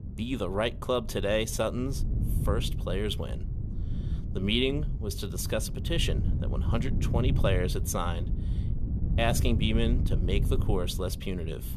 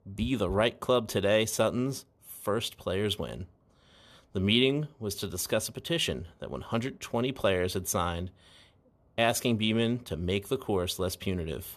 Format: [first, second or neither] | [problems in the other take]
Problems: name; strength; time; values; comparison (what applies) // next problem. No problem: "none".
second | wind noise on the microphone; occasional gusts; 10 dB below the speech